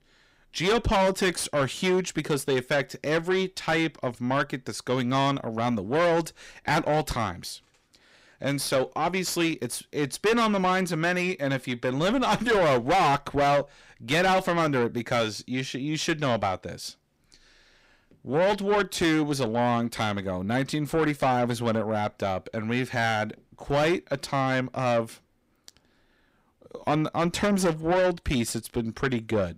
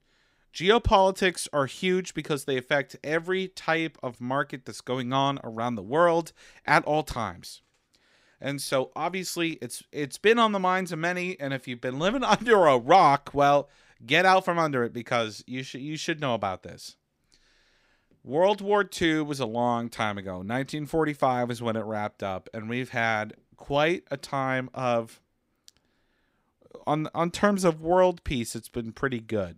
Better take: second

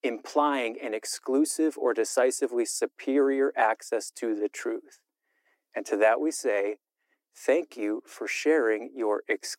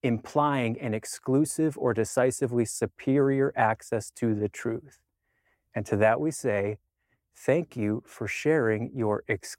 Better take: second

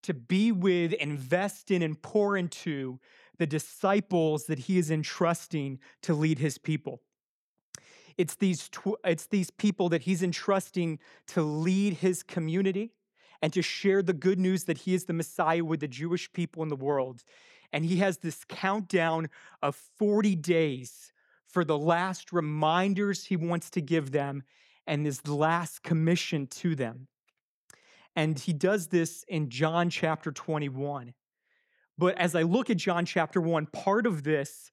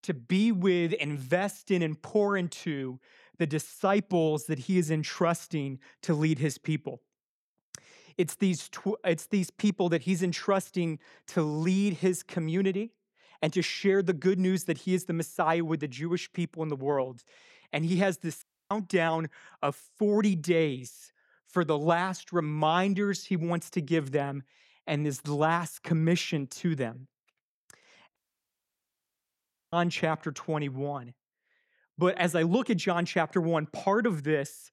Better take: first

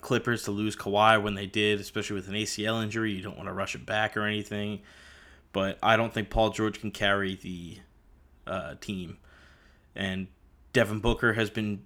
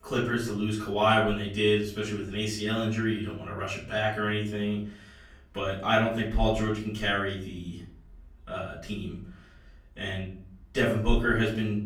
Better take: first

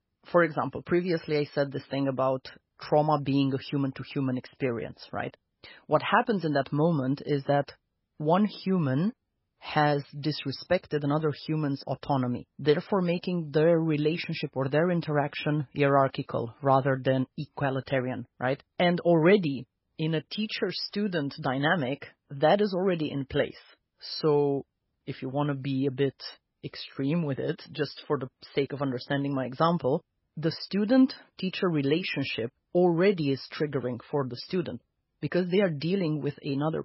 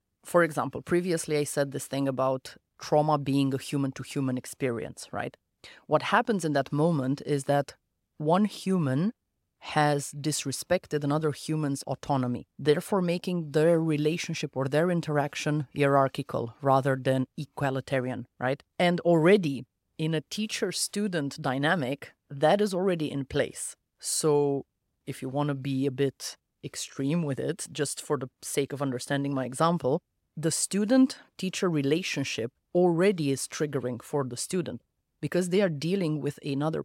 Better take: second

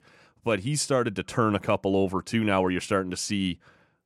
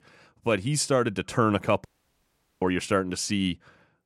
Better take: first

